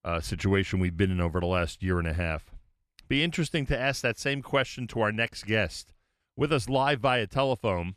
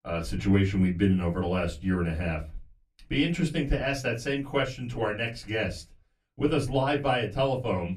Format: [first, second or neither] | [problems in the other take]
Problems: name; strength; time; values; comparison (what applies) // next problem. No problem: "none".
first | off-mic speech; far // room echo; very slight; dies away in 0.2 s